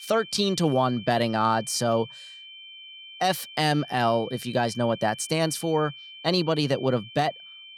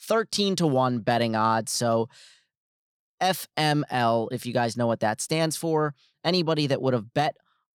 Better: second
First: high-pitched whine; noticeable; throughout; 3 kHz, 15 dB below the speech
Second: none

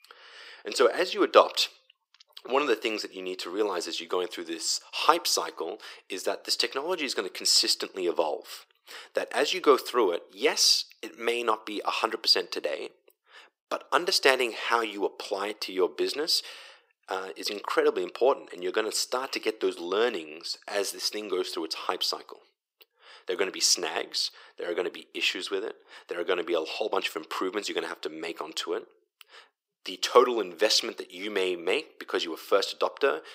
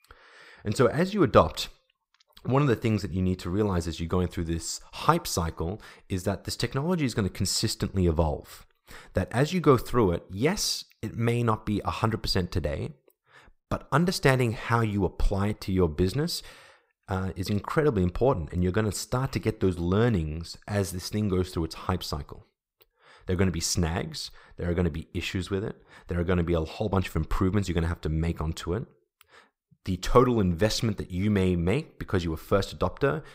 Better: second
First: thin; very; fading below 350 Hz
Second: none

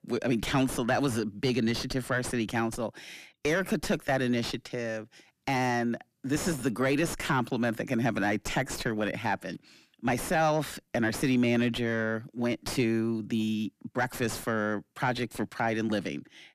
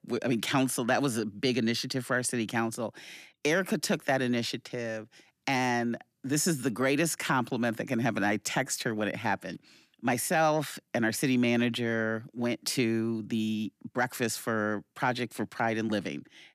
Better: second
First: distortion; slight; 7 dB below the speech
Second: none

